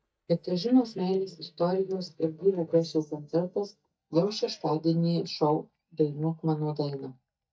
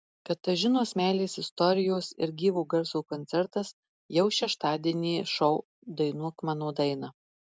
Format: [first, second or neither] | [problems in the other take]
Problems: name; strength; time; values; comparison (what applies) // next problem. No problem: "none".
second | noise reduction (neural mask model DeepFilterNet 3)